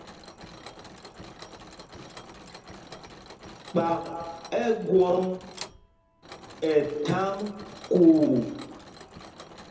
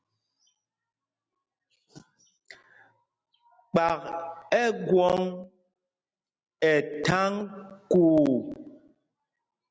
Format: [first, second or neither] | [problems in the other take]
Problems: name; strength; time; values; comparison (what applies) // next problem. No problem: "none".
second | background sound (Mechanisms); 17 dB below the speech // room echo; dies away in 0.6 s